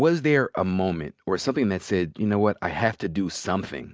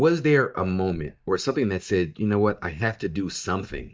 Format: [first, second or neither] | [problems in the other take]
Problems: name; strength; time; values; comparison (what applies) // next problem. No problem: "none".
first | noise reduction (neural mask model DeepFilterNet 3)